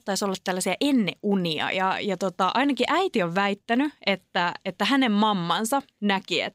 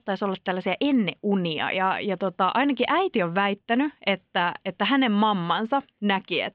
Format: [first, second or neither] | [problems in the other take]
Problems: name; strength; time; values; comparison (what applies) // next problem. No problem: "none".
first | muffled; very; fading above 3 kHz